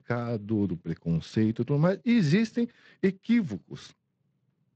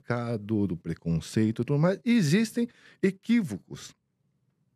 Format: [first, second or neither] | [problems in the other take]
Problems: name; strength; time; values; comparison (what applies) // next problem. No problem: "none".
second | garbled, watery; slightly; nothing above 8 kHz